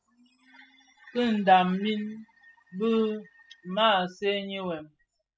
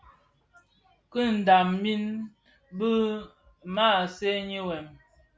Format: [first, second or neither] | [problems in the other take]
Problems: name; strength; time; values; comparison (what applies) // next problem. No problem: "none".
second | noise reduction (classical method spectral subtraction)